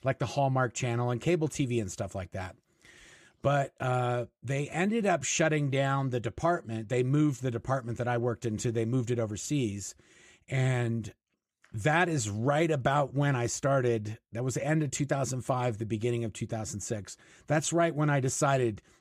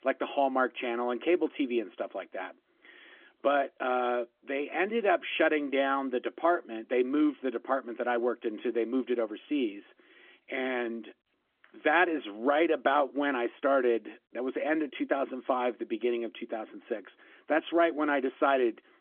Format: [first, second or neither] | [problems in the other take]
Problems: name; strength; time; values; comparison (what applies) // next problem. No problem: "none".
first | phone-call audio; nothing above 3.5 kHz